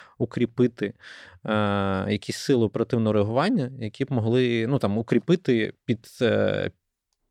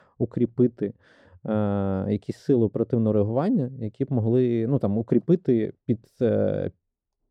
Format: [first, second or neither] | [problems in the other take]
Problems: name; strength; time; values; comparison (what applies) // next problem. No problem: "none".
first | muffled; very; fading above 1 kHz